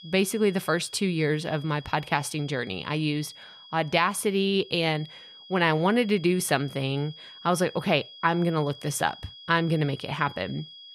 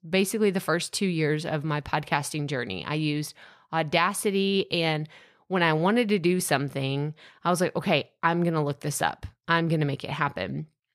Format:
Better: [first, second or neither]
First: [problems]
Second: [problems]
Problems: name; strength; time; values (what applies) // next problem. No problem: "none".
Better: second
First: high-pitched whine; noticeable; throughout; 3.5 kHz, 20 dB below the speech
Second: none